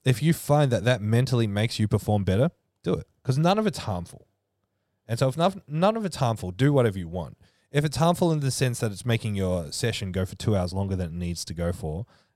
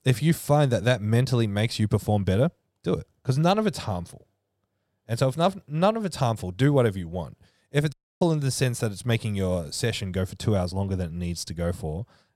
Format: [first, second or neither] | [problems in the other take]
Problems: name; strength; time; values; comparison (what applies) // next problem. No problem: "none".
first | audio cutting out; at 8 s